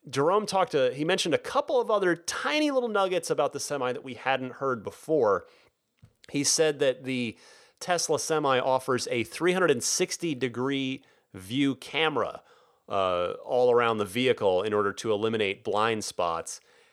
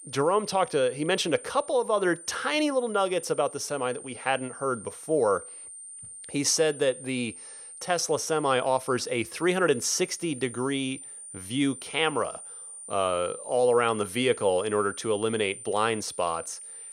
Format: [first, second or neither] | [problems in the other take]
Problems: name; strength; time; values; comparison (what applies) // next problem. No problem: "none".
first | high-pitched whine; noticeable; throughout; 9 kHz, 15 dB below the speech